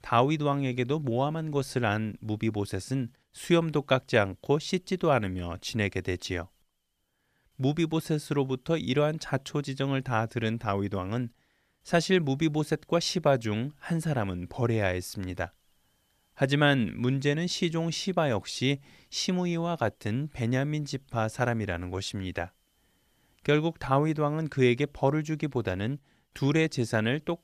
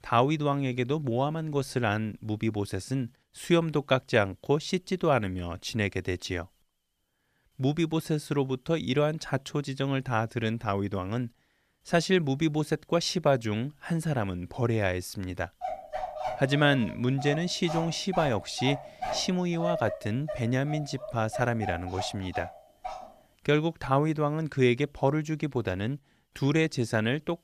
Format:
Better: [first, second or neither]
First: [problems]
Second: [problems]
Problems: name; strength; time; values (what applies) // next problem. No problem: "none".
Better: first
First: none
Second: dog barking; noticeable; from 16 to 23 s; peak 4 dB below the speech